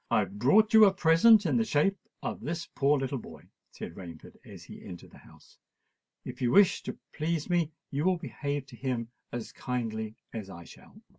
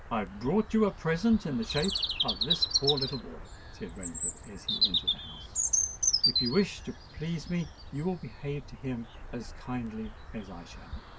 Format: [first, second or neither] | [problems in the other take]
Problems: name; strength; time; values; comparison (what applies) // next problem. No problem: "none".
first | background sound (Bird vocalization, bird call, bird song); as loud as the speech